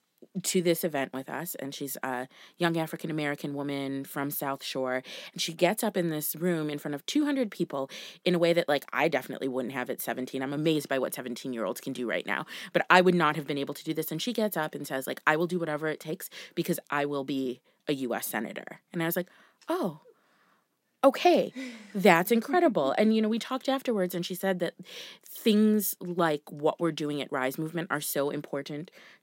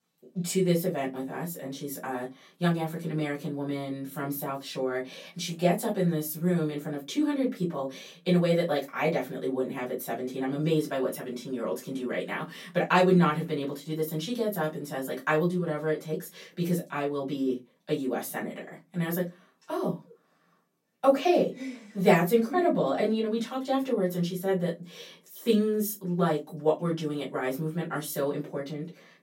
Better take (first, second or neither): first